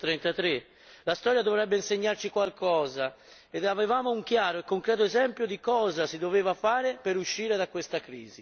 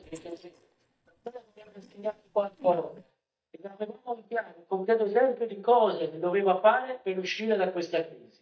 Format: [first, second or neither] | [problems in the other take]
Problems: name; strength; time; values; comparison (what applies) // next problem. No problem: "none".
first | noise reduction (neural mask model DeepFilterNet 3)